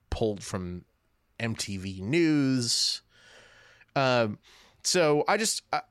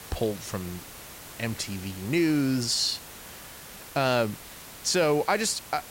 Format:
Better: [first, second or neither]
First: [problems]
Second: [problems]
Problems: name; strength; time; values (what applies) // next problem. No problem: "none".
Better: first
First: none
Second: hiss; noticeable; throughout; 15 dB below the speech